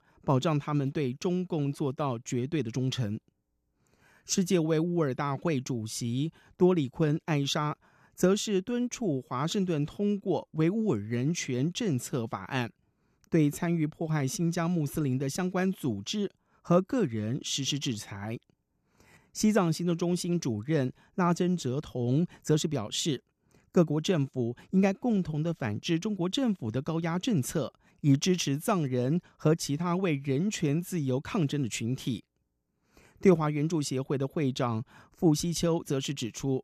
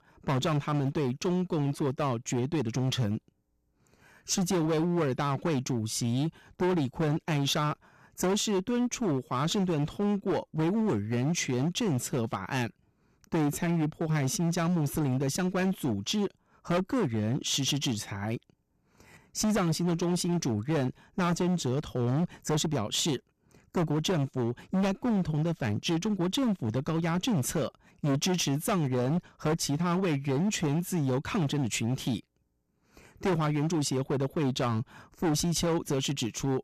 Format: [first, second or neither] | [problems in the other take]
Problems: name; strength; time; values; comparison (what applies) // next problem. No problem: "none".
first | distortion; heavy; 17% of the sound clipped